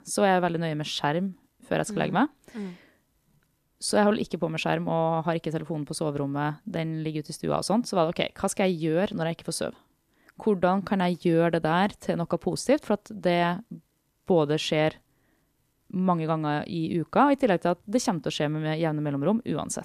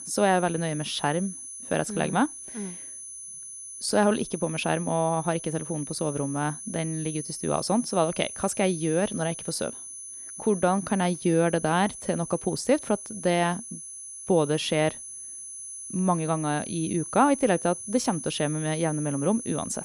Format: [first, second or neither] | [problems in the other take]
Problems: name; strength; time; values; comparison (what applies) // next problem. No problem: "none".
first | high-pitched whine; loud; throughout; 10 kHz, 10 dB below the speech